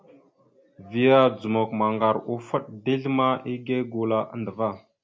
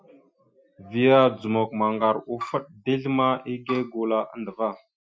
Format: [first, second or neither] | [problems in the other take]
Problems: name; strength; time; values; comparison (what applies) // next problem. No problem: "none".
first | noise reduction (classical method Wiener filter)